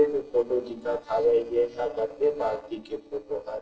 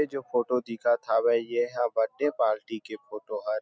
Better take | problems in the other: second | noise reduction (neural separator model SepFormer DNS4)

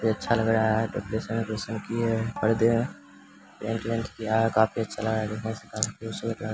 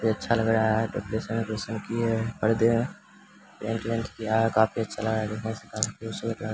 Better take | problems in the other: second | background sound (Bowed string instrument); 19 dB below the speech

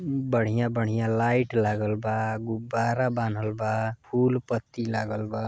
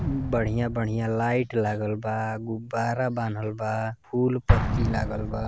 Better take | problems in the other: first | background sound (Explosion); 3 dB below the speech

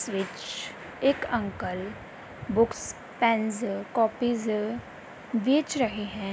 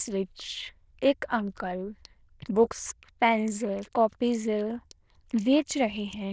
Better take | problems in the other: first | noise reduction (neural diffusion model UNIVERSE++)

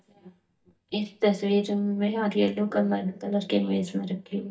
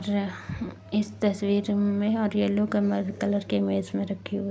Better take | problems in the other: second | noise reduction (neural mask model DeepFilterNet 3)

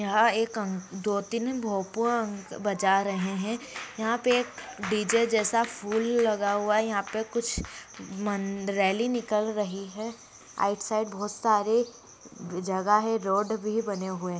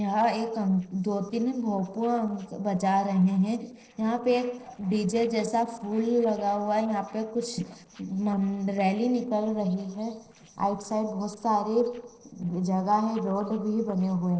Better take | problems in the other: first | noise reduction (neural separator model SepFormer DNS4)

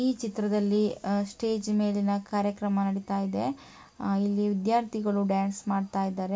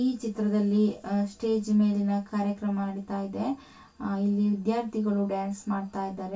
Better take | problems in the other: first | room echo; dies away in 0.2 s

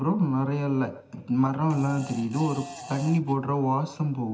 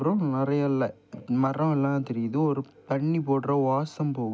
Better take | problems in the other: second | background sound (Fart); 15 dB below the speech // room echo; dies away in 0.8 s

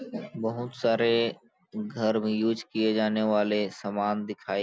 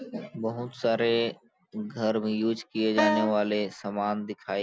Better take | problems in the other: first | background sound (Wind instrument, woodwind instrument); 1 dB below the speech

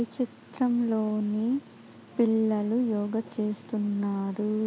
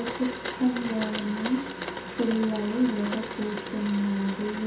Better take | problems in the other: first | background sound (Domestic sounds, home sounds); 7 dB below the speech // room echo; dies away in 0.6 s

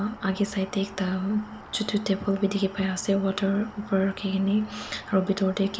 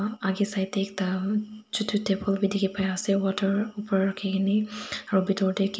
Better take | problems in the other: second | background sound (Rain); 18 dB below the speech

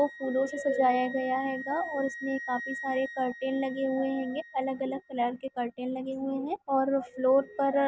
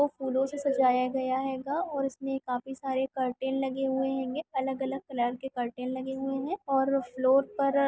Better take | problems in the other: second | background sound (Wind instrument, woodwind instrument); 15 dB below the speech

